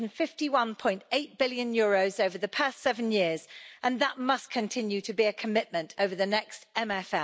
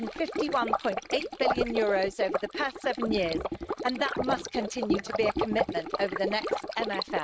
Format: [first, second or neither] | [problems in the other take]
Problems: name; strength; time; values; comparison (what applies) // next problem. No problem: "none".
first | noise reduction (neural mask model RNNoise)